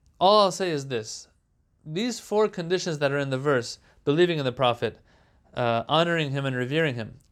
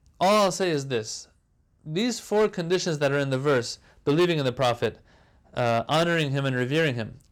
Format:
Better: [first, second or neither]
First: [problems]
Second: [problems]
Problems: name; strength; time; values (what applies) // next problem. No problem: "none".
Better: first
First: none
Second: distortion; slight; 6% of the sound clipped